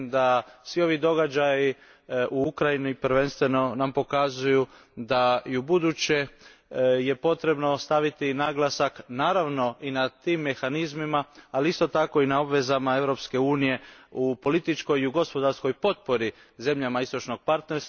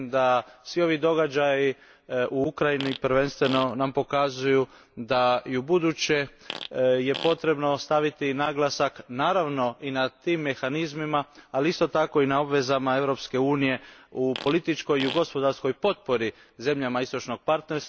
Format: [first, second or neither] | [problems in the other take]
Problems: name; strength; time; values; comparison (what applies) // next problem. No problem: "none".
first | background sound (Fart); 13 dB below the speech